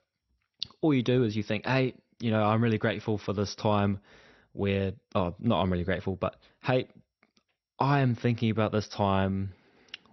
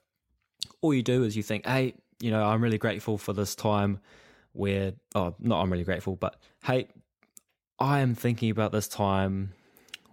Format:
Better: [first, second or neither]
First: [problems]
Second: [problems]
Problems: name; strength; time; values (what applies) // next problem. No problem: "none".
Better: second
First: garbled, watery; slightly; nothing above 6 kHz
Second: none